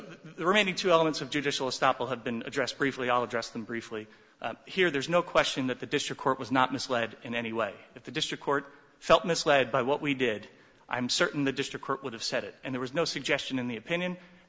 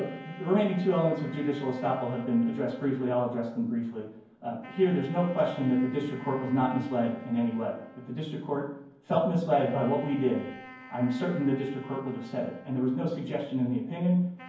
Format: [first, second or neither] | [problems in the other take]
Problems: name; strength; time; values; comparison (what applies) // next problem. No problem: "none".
first | background sound (Wind instrument, woodwind instrument); 20 dB below the speech // room echo; dies away in 0.9 s